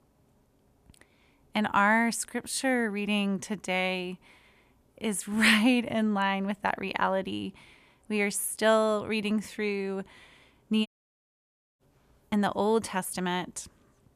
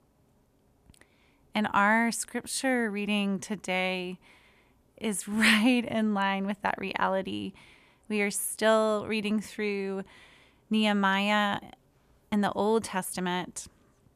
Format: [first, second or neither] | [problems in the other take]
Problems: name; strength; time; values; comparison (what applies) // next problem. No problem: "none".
second | audio cutting out; at 11 s for 1 s